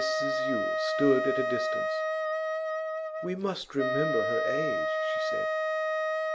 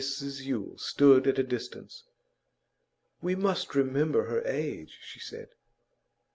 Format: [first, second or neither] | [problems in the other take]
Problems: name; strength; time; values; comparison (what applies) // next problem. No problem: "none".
second | background sound (Wind instrument, woodwind instrument); 4 dB above the speech